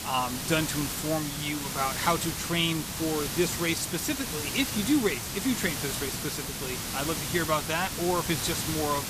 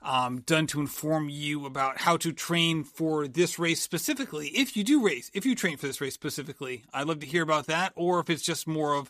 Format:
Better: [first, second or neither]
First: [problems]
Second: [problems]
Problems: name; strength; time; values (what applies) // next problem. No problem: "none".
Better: second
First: hiss; loud; throughout; 2 dB below the speech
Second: none